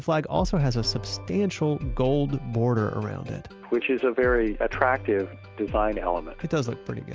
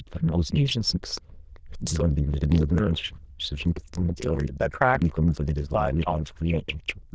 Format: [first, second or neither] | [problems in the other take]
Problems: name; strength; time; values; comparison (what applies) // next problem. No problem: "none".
first | noise reduction (neural diffusion model UNIVERSE++)